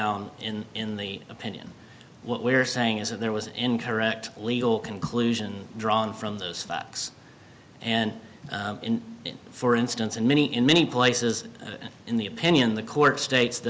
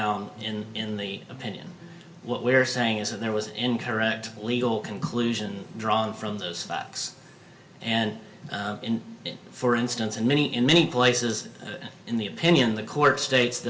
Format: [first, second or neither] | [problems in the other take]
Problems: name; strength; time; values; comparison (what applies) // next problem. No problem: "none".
first | background sound (Bass guitar); 20 dB below the speech // room echo; dies away in 0.8 s